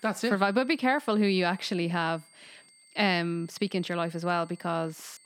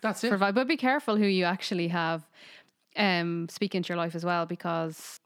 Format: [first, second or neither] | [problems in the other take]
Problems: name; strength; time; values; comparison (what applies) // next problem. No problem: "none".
second | high-pitched whine; faint; throughout; 8.5 kHz, 25 dB below the speech